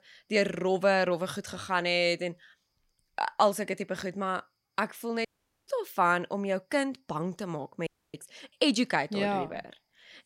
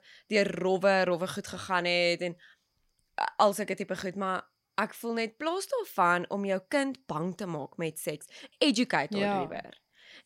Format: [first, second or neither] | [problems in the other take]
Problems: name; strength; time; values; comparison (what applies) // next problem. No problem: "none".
second | audio cutting out; at 5.5 s and at 8 s